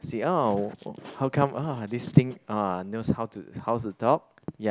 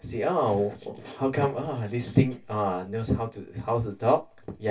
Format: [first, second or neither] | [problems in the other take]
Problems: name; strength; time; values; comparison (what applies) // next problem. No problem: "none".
first | room echo; dies away in 0.2 s